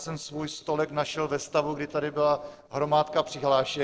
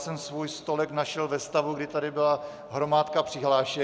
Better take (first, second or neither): second